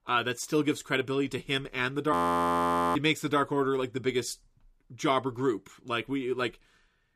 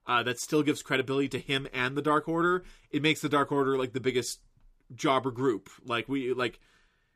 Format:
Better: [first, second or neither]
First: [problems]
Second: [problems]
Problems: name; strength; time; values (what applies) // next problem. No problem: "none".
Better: second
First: audio freezing; at 2 s for 1 s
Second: none